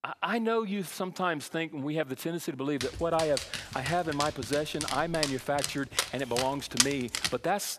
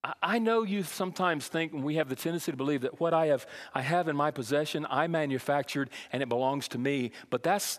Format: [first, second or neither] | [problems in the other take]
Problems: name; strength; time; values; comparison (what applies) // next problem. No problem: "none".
second | dog barking; loud; from 3 to 7.5 s; peak 5 dB above the speech